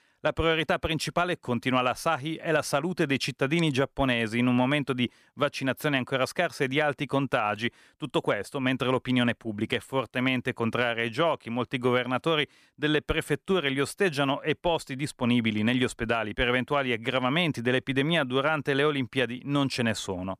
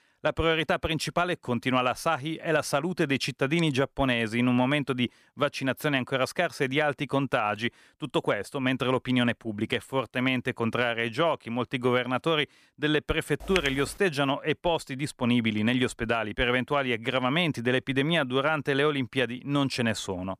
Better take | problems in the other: first | keyboard typing; noticeable; at 13 s; peak 6 dB below the speech

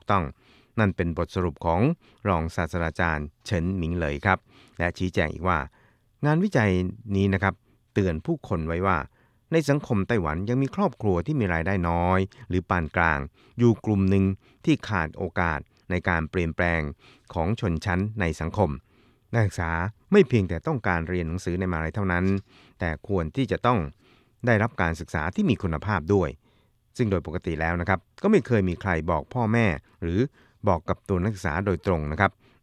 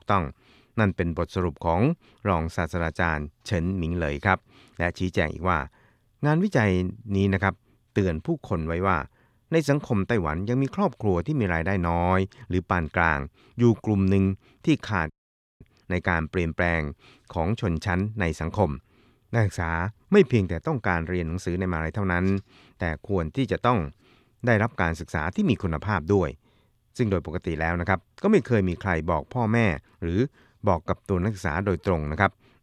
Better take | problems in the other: first | audio cutting out; at 15 s for 0.5 s

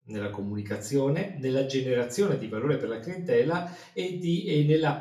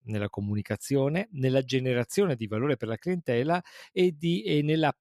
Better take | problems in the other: second | room echo; slight; dies away in 0.4 s // off-mic speech; far

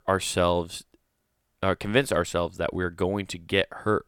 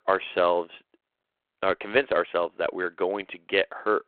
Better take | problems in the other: first | phone-call audio

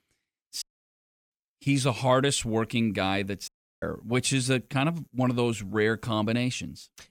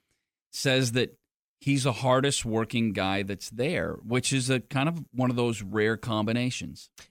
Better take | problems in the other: second | audio cutting out; at 0.5 s for 0.5 s and at 3.5 s

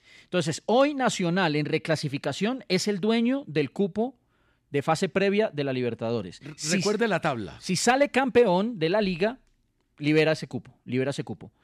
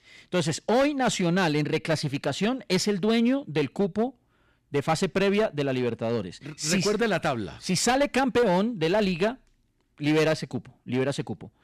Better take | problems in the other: first | distortion; slight; 8% of the sound clipped

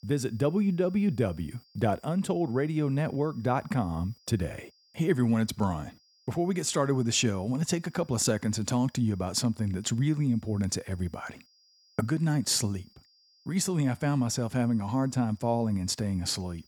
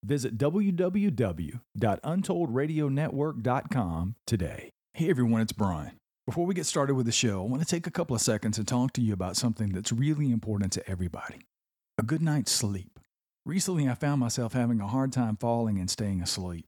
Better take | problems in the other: second | high-pitched whine; faint; throughout; 5 kHz, 30 dB below the speech

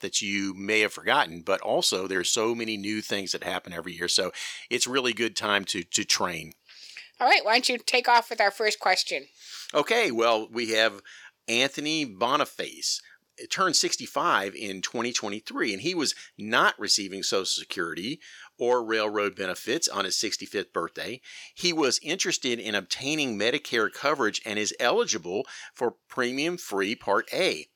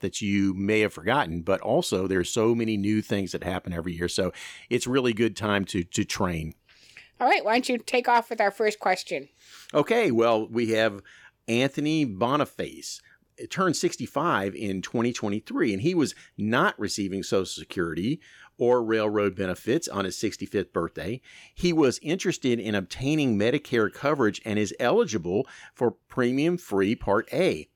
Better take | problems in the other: second | thin; somewhat; fading below 850 Hz

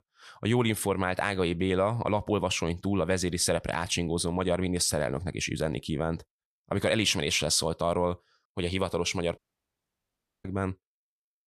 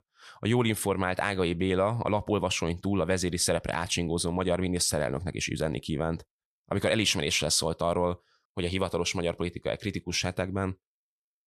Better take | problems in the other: second | audio cutting out; at 9.5 s for 1 s

